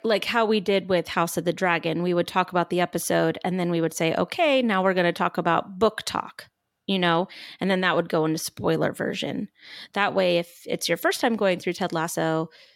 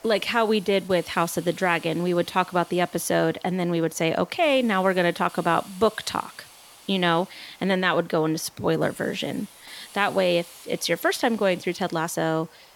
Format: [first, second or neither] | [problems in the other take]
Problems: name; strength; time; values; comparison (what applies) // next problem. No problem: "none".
first | hiss; faint; throughout; 20 dB below the speech